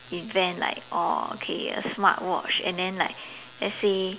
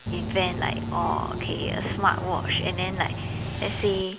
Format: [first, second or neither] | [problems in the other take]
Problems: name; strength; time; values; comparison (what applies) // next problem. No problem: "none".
first | background sound (Bus / Engine); 3 dB below the speech